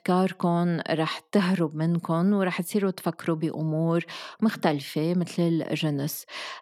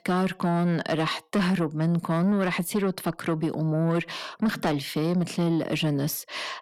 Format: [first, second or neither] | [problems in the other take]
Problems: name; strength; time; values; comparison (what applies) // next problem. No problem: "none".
first | distortion; slight; 10 dB below the speech